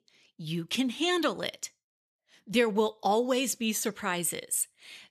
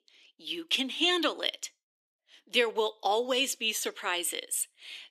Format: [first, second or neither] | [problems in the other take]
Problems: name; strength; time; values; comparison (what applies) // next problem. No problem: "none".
first | thin; very slightly; fading below 300 Hz